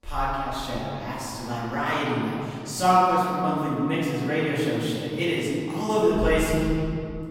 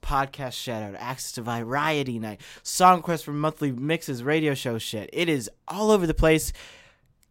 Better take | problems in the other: second | room echo; strong; dies away in 2.7 s // off-mic speech; far

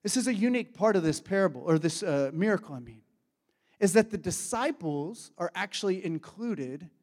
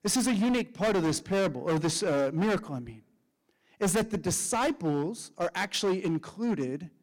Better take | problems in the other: first | distortion; heavy; 15% of the sound clipped

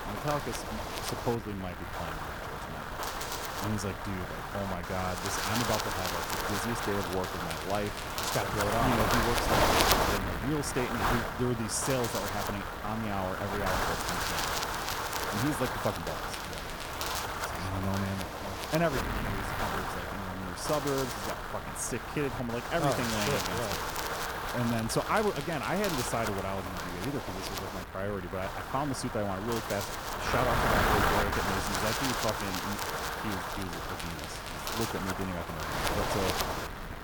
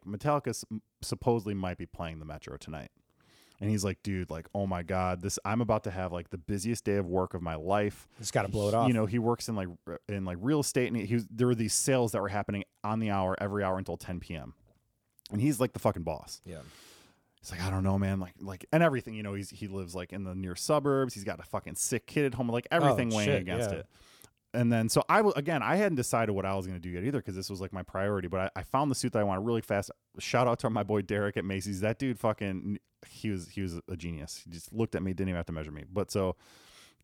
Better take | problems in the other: second | wind noise on the microphone; heavy; 4 dB above the speech

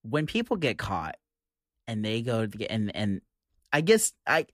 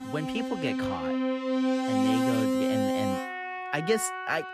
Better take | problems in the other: first | background music; very loud; throughout; 4 dB above the speech

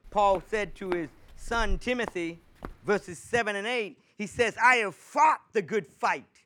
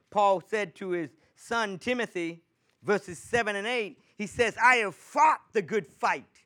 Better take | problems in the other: second | footsteps; faint; until 2.5 s; peak 10 dB below the speech

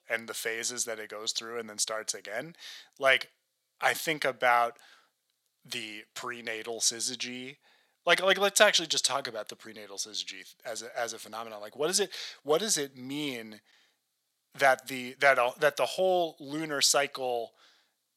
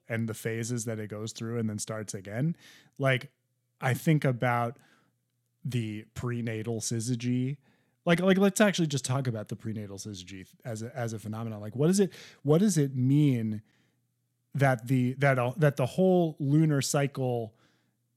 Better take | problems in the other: second | thin; very; fading below 750 Hz

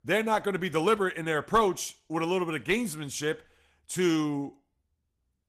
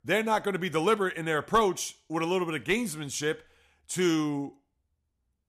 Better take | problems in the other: second | garbled, watery; slightly; nothing above 14.5 kHz

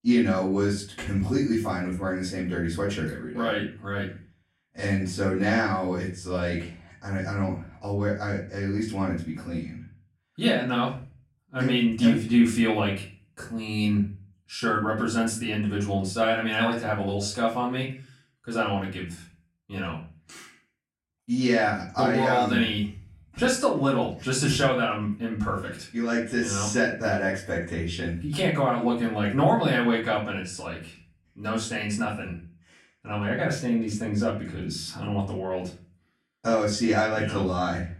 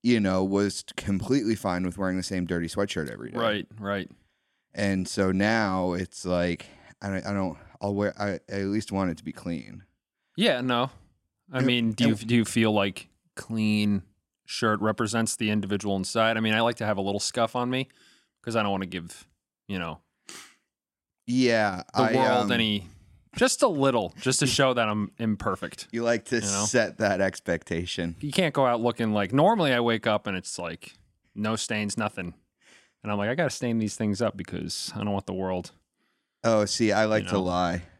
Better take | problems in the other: second | off-mic speech; far // room echo; slight; dies away in 0.4 s

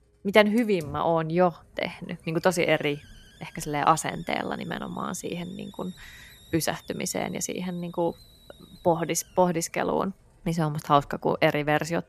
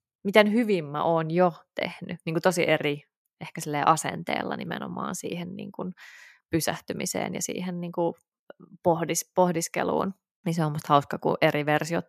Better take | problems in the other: second | hiss; faint; throughout; 25 dB below the speech

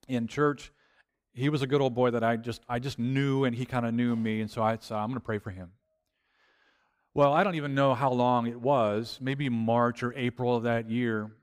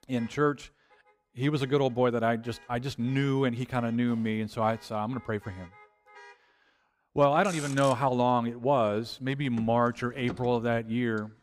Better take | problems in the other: first | traffic noise; noticeable; throughout; 20 dB below the speech

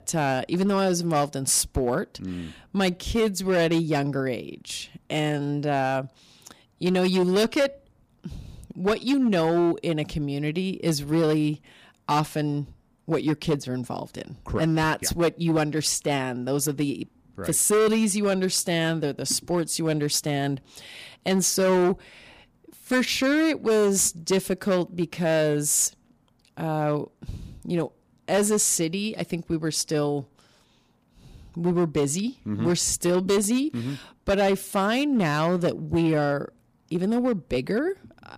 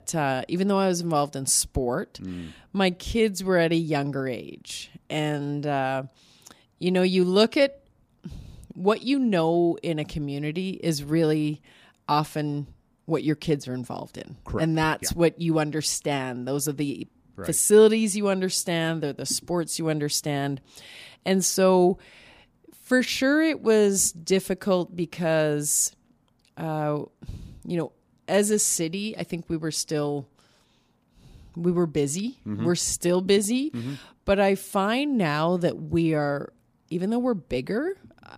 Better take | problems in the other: second | distortion; slight; 7% of the sound clipped

